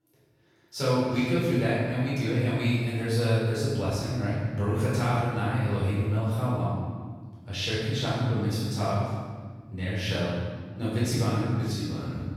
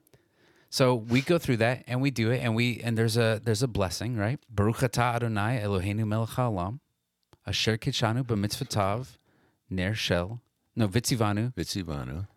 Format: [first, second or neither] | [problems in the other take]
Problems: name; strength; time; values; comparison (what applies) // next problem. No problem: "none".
second | room echo; strong; dies away in 1.6 s // off-mic speech; far